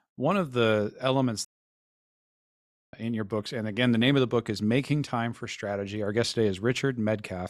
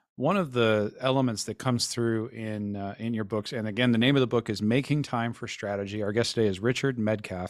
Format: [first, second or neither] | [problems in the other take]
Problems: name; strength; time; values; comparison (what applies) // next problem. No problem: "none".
second | audio cutting out; at 1.5 s for 1.5 s